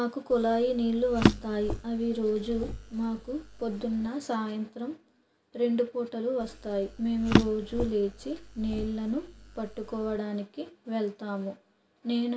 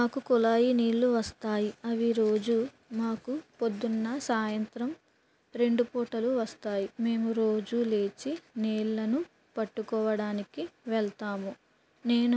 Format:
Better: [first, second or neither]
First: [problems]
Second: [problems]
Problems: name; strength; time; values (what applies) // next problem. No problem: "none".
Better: second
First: background sound (Drawer open or close); 3 dB below the speech // room echo; dies away in 0.4 s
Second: none